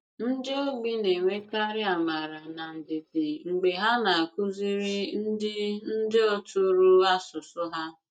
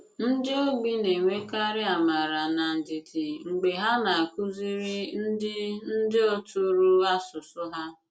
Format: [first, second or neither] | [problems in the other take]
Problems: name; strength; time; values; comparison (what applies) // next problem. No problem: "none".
second | noise reduction (neural mask model DeepFilterNet 3)